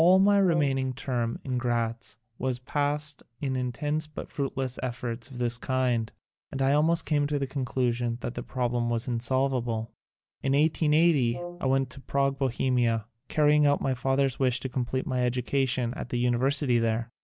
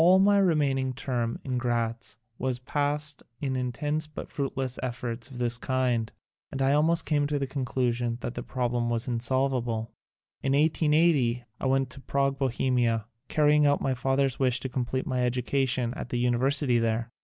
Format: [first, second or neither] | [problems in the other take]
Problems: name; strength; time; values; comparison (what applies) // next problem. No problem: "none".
second | background sound (Brass instrument); 15 dB below the speech